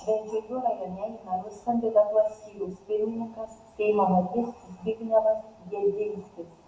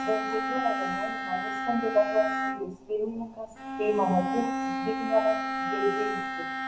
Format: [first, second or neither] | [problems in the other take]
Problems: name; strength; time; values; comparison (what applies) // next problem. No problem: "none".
first | background sound (Bowed string instrument); 2 dB below the speech